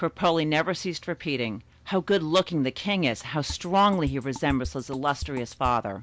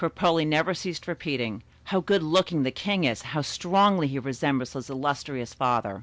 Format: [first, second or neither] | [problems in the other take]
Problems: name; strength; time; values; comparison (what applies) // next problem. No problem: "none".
second | background sound (Drum kit); 12 dB below the speech